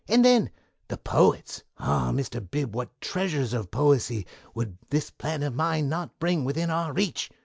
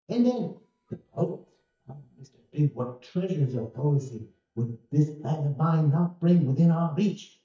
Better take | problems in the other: first | noise reduction (neural mask model DeepFilterNet 3)

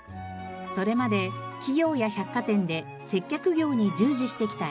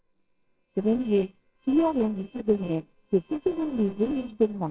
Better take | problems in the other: first | noise reduction (neural separator model SepFormer WHAMR!)

